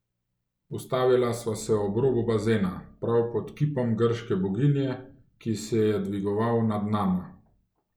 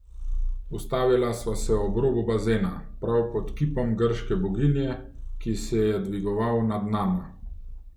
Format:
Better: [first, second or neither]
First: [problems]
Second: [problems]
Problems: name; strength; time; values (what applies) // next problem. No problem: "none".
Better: first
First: none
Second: background sound (Purr); 7 dB below the speech